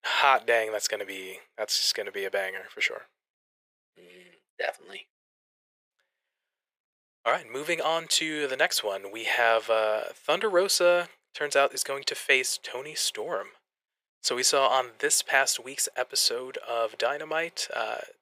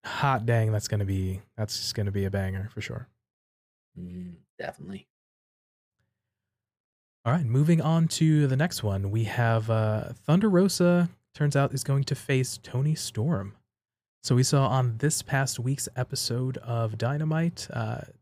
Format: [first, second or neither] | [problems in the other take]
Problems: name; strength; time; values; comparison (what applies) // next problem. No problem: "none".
second | thin; very; fading below 500 Hz